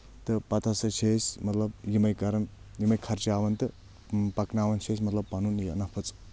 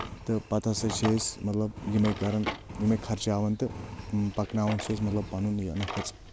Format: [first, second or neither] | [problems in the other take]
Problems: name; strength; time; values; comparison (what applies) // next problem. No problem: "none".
first | background sound (Engine + Drawer open or close); 11 dB below the speech